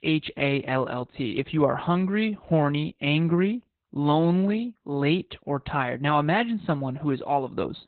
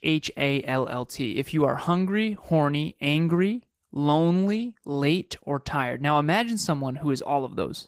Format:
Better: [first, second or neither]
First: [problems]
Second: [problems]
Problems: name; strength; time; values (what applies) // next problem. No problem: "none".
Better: second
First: garbled, watery; badly; nothing above 4 kHz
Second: garbled, watery; slightly; nothing above 15.5 kHz